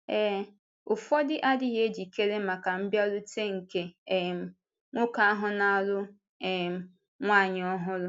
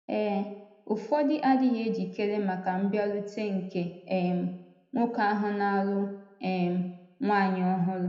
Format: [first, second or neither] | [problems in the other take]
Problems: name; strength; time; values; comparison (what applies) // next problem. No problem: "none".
first | room echo; dies away in 0.7 s